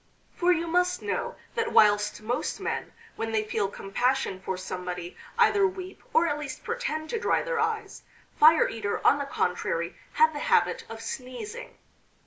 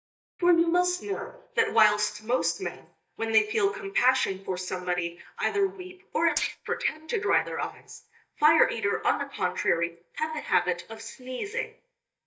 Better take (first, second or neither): first